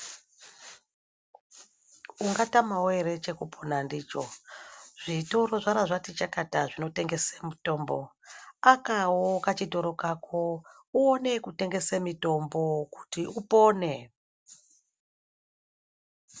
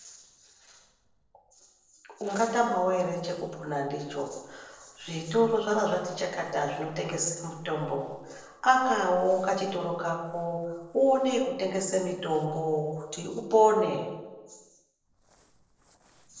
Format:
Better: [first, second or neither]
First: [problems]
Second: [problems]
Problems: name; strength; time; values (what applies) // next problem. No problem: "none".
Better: first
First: none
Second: noise reduction (neural separator model SepFormer DNS4)